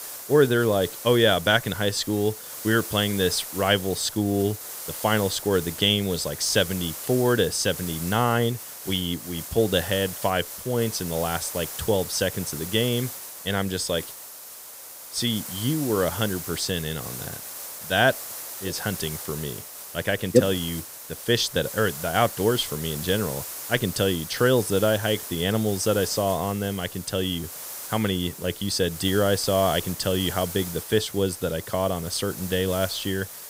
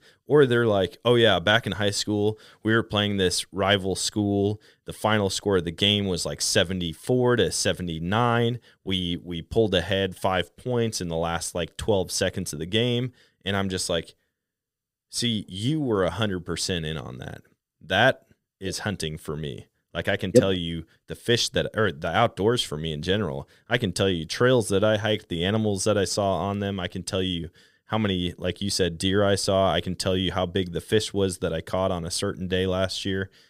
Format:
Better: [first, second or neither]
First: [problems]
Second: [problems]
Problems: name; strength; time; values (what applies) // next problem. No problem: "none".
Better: second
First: hiss; loud; throughout; 10 dB below the speech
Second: none